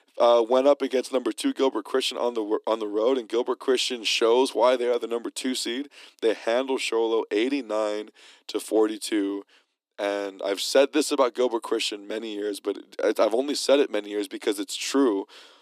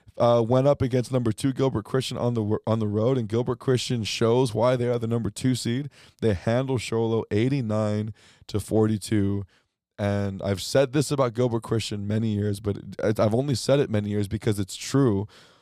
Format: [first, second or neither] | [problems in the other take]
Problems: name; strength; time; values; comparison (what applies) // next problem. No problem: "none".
second | thin; somewhat; fading below 300 Hz